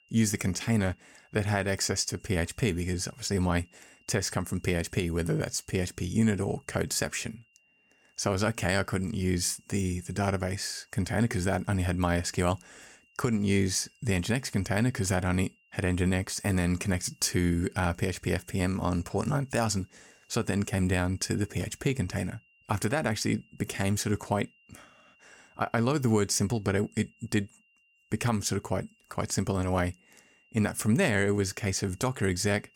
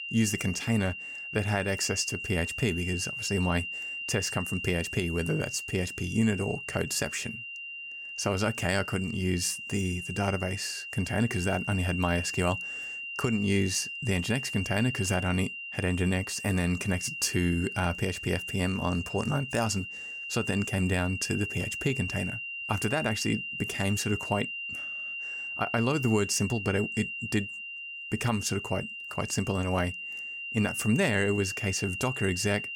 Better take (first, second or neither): first